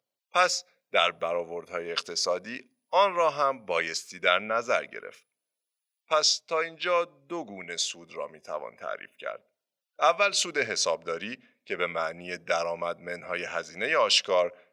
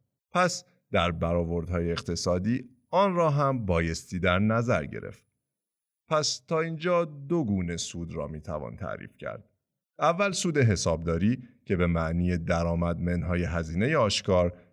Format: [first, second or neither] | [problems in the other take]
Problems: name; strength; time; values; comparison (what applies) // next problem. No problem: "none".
second | thin; very; fading below 650 Hz